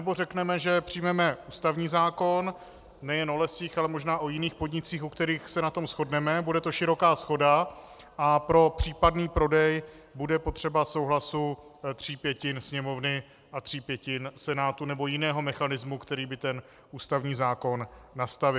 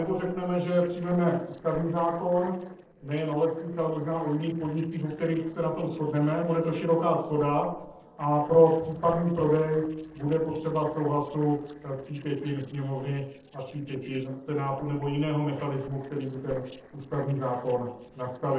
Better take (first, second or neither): first